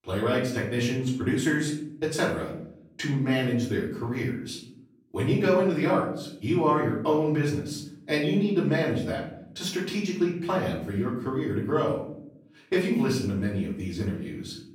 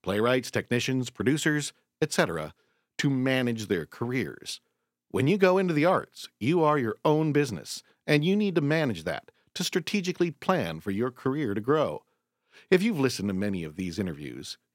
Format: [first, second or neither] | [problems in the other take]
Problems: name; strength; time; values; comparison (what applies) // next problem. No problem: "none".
second | off-mic speech; far // room echo; noticeable; dies away in 0.7 s